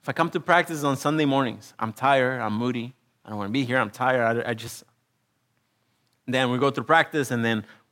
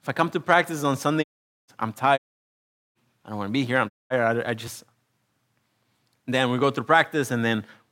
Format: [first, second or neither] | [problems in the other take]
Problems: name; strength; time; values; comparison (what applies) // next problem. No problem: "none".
first | audio cutting out; at 1 s, at 2 s for 1 s and at 4 s